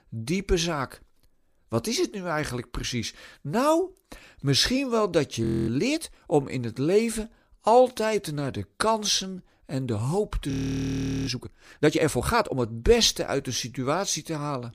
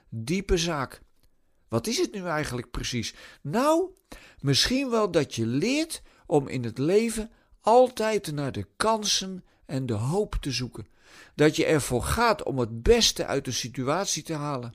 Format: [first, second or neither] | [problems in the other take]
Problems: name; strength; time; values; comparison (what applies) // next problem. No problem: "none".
second | audio freezing; at 5.5 s and at 11 s for 1 s